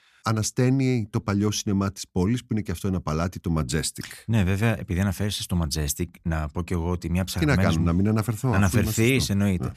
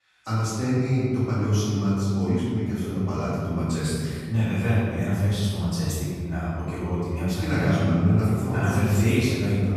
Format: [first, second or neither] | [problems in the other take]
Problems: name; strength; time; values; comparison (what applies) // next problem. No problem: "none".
first | off-mic speech; far // room echo; strong; dies away in 2 s